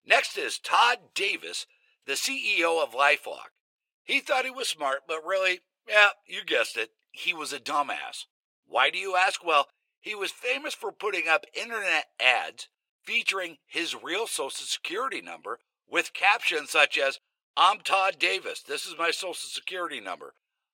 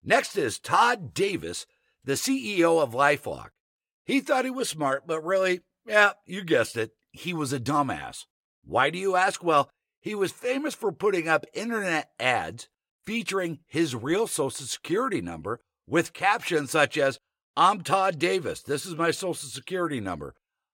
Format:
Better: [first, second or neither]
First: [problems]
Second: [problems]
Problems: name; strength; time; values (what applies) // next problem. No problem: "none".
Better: second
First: thin; very; fading below 600 Hz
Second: none